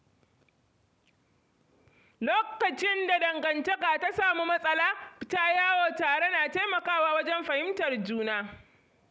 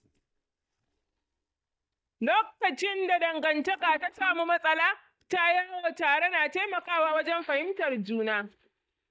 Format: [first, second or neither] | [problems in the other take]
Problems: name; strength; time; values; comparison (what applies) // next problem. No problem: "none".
first | noise reduction (neural mask model DeepFilterNet 3)